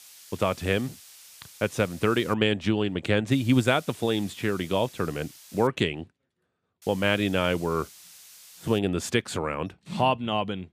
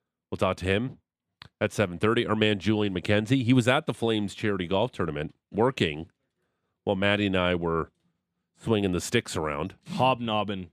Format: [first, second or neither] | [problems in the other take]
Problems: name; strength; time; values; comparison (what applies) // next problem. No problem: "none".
second | hiss; faint; until 2.5 s, from 3.5 to 5.5 s and from 7 to 9 s; 20 dB below the speech